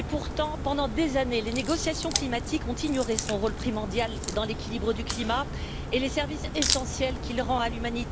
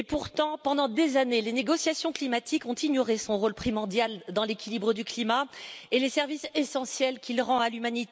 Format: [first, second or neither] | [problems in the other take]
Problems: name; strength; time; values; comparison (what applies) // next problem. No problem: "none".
second | background sound (Crack); 3 dB below the speech